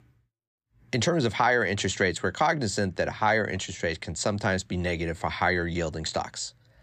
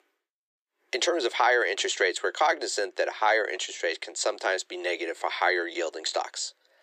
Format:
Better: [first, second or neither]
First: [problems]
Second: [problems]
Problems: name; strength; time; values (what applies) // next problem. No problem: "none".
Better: first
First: none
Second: thin; very; fading below 350 Hz